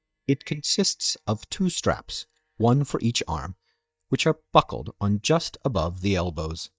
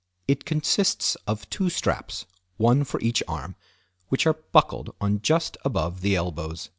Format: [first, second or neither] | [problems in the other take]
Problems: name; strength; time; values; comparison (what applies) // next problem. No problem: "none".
second | noise reduction (neural mask model DeepFilterNet 3)